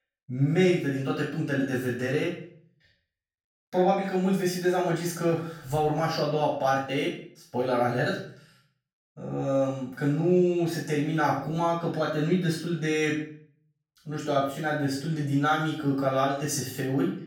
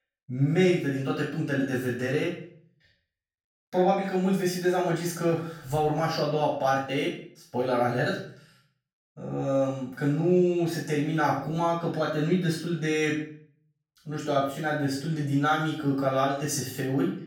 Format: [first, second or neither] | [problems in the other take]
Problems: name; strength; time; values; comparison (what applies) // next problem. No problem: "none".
neither | off-mic speech; far; the same in both // room echo; noticeable; dies away in 0.5 s; the same in both